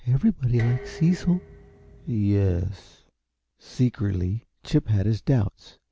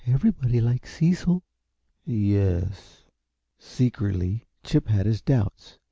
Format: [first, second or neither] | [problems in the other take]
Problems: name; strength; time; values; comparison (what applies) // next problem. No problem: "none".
second | background sound (Dishes, pots, and pans); 19 dB below the speech